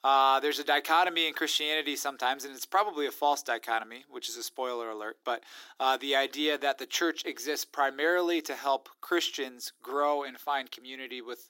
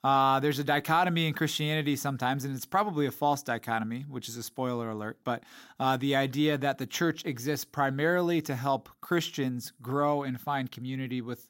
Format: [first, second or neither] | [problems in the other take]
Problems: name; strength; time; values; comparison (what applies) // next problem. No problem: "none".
second | thin; somewhat; fading below 350 Hz